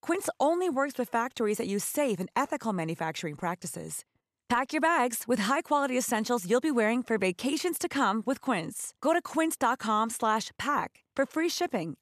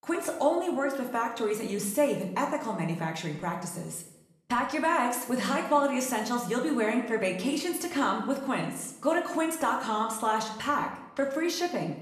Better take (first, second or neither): first